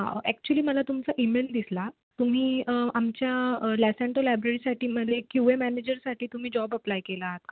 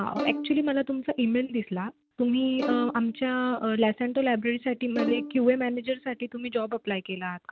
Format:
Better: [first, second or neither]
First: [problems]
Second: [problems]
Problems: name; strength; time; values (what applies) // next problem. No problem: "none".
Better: first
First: none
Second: background sound (Bowed string instrument); 10 dB below the speech